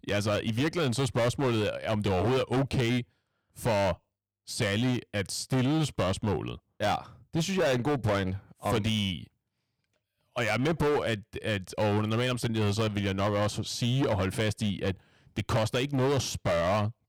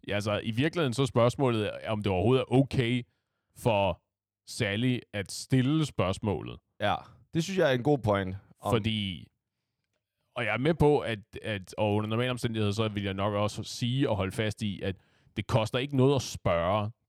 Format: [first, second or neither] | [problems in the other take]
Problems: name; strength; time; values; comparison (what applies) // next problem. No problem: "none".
second | distortion; heavy; 15% of the sound clipped